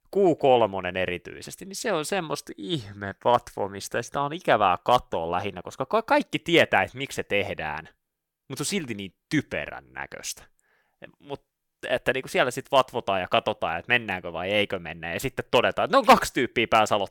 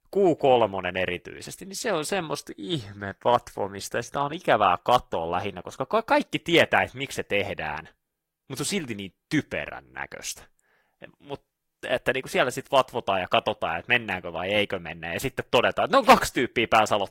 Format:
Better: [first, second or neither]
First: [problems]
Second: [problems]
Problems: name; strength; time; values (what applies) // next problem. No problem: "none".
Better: first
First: none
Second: garbled, watery; slightly; nothing above 15.5 kHz